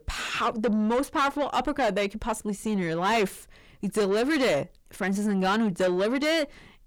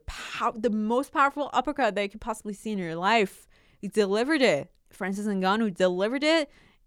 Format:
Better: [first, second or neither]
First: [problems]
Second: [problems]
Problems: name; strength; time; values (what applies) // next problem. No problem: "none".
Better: second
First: distortion; heavy; 7 dB below the speech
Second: none